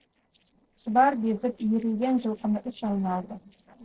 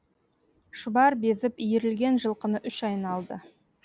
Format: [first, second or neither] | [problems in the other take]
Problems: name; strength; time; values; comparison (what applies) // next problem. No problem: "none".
second | noise reduction (neural separator model SepFormer DNS4)